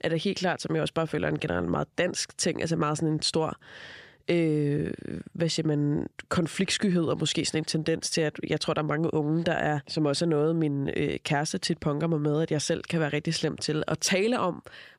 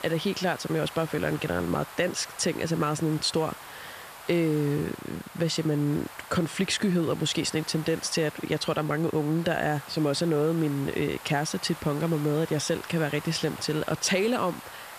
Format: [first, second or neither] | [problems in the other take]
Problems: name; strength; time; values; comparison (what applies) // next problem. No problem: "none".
first | hiss; noticeable; throughout; 15 dB below the speech